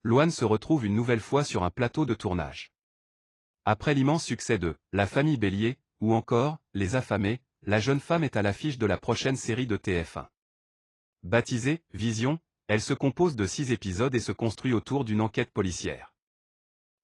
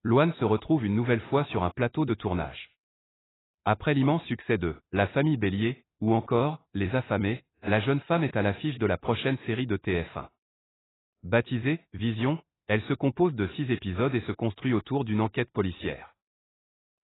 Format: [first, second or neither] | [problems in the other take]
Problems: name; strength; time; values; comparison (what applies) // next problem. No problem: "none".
first | garbled, watery; badly; nothing above 4 kHz; slightly in the first